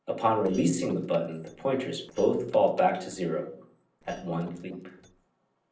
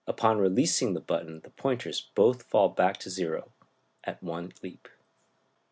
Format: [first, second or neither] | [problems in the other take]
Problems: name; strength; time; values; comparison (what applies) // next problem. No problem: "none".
second | noise reduction (neural separator model SepFormer DNS4)